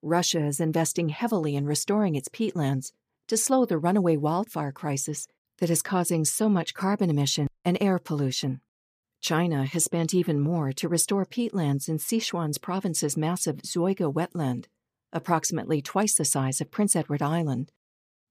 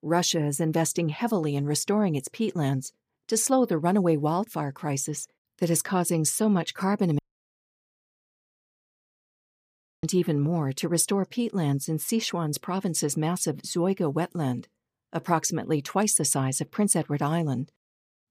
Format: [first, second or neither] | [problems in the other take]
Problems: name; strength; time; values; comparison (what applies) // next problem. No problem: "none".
first | audio cutting out; at 7 s for 3 s